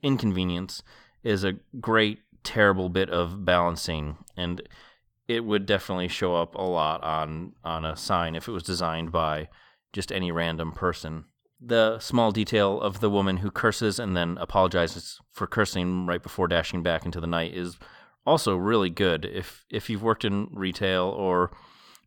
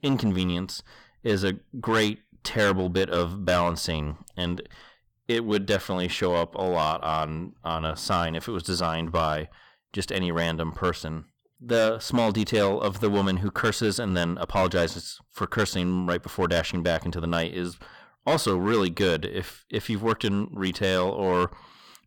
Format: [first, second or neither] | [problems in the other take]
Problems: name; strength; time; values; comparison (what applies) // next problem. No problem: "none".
first | distortion; slight; 5% of the sound clipped